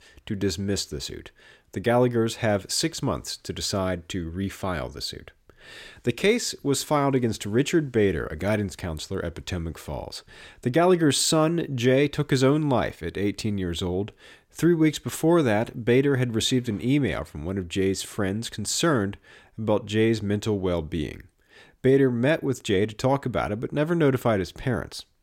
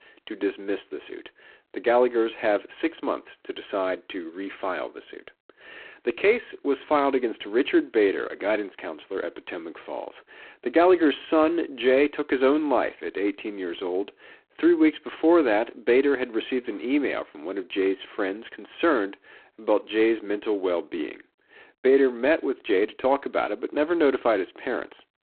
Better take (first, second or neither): first